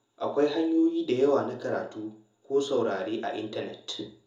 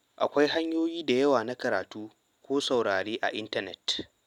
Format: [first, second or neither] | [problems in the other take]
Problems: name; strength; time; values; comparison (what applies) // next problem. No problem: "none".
second | room echo; dies away in 0.6 s